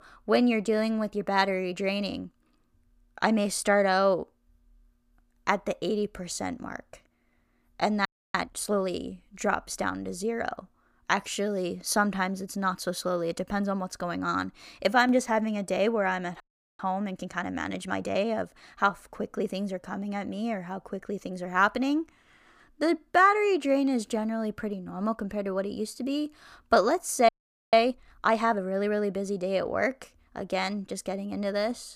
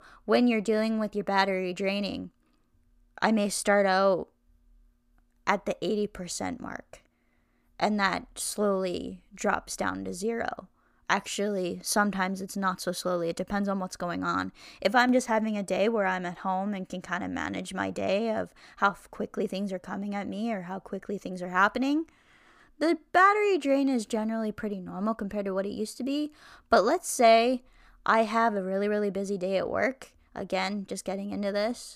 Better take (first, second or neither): second